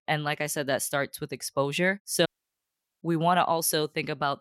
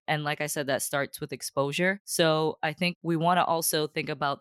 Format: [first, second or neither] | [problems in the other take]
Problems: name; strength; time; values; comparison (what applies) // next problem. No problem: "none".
second | audio cutting out; at 2.5 s for 1 s